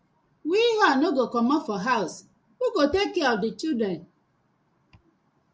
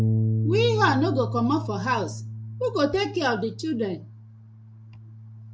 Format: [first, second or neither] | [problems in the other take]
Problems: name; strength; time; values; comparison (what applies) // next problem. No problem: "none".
first | background sound (Bass guitar); 3 dB below the speech